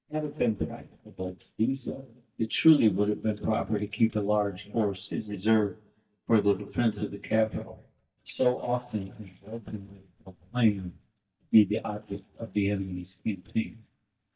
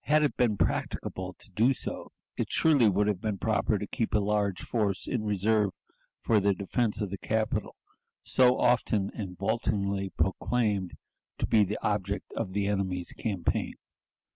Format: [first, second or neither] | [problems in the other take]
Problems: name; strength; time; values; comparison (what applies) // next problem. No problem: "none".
second | noise reduction (neural mask model DeepFilterNet 3)